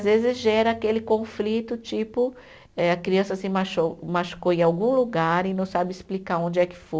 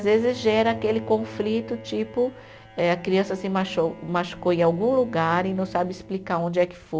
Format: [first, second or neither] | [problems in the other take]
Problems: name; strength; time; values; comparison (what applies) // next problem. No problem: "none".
first | background sound (Bowed string instrument); 17 dB below the speech